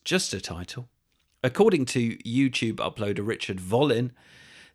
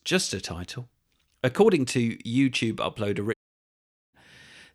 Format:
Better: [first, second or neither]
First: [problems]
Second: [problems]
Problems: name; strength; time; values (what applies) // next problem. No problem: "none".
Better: first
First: none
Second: audio cutting out; at 3.5 s for 1 s